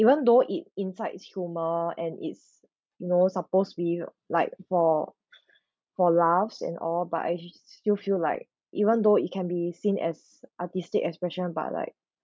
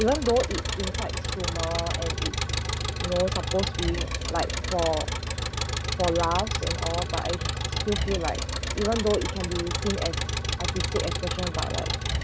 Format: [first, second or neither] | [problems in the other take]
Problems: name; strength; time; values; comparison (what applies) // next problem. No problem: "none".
first | background sound (Engine); 1 dB above the speech